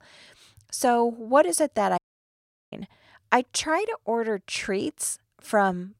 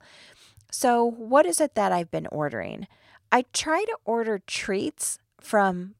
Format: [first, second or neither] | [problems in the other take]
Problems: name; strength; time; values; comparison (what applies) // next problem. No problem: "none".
second | audio cutting out; at 2 s for 0.5 s